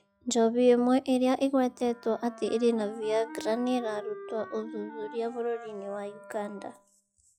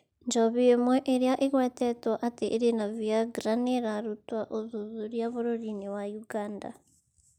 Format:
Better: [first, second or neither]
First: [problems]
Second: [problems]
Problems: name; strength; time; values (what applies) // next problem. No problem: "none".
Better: second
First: noise reduction (classical method log-MMSE)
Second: none